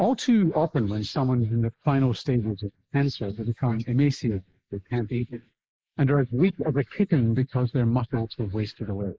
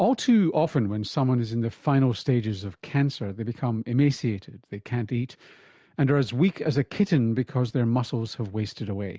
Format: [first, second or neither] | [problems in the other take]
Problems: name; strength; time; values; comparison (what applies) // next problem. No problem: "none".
second | noise reduction (neural mask model Resemble Enhance denoiser)